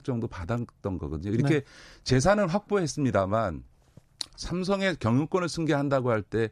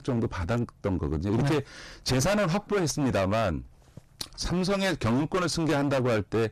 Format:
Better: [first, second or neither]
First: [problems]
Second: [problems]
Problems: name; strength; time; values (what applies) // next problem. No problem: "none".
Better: first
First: none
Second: distortion; heavy; 23% of the sound clipped